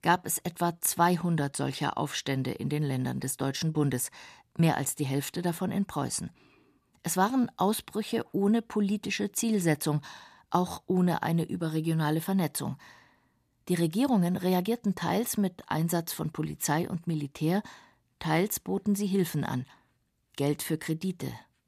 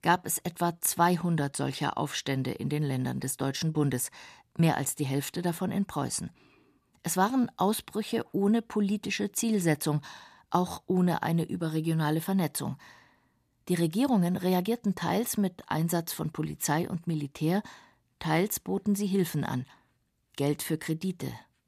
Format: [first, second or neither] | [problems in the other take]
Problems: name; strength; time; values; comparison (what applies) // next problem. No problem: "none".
neither | none